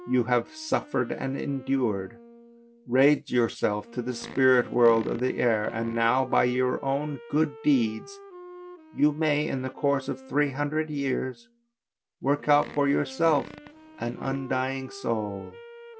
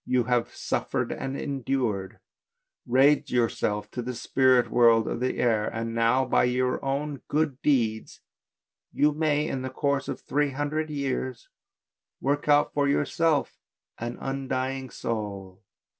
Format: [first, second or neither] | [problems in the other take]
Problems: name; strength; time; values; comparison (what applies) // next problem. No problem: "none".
second | background sound (Fart + Wind instrument, woodwind instrument); 18 dB below the speech